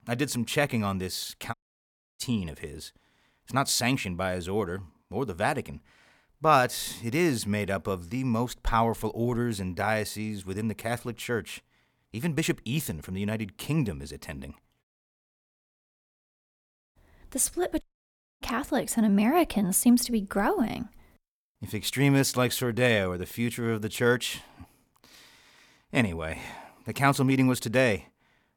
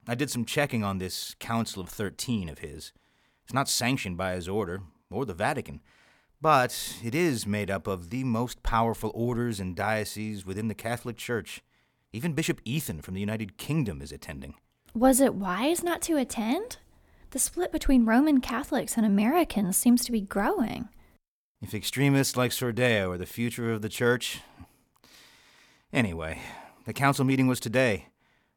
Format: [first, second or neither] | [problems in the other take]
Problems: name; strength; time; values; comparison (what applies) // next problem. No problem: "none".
second | audio cutting out; at 1.5 s for 0.5 s, at 15 s for 2 s and at 18 s for 0.5 s